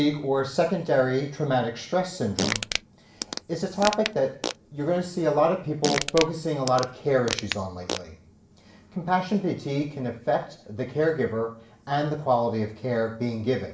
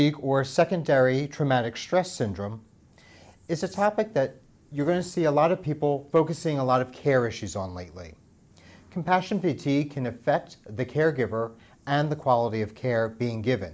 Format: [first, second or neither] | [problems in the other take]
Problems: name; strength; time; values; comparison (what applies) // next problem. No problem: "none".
second | background sound (Fart); 6 dB below the speech // room echo; dies away in 0.5 s